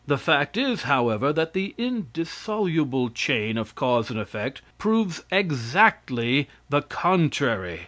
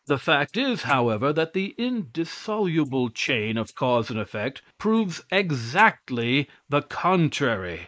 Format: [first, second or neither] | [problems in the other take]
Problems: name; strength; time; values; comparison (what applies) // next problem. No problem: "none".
first | noise reduction (neural mask model Resemble Enhance denoiser)